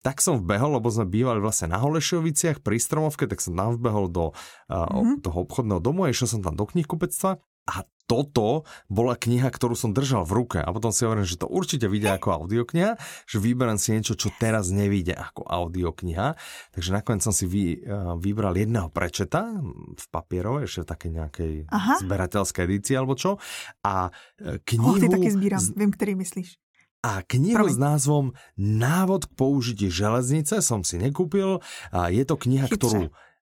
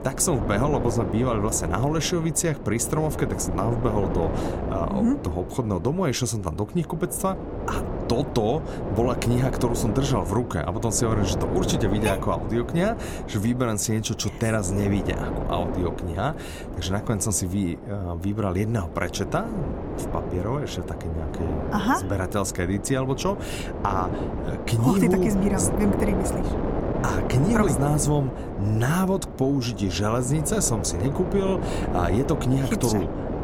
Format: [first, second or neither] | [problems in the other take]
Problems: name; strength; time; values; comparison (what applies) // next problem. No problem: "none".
first | wind noise on the microphone; heavy; 6 dB below the speech